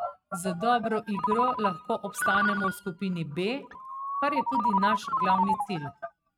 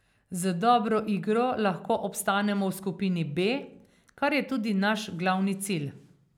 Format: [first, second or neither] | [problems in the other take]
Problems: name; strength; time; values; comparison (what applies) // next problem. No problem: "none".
second | noise reduction (neural mask model RNNoise)